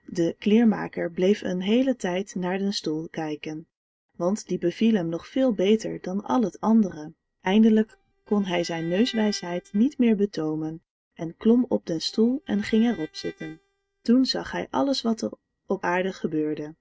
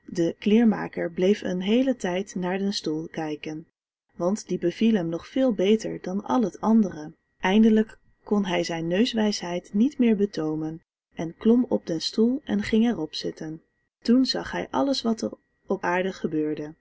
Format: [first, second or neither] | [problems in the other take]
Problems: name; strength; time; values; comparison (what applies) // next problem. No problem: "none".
second | noise reduction (neural mask model RNNoise)